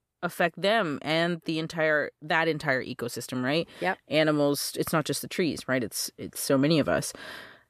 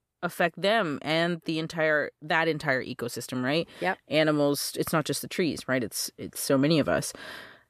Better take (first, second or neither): neither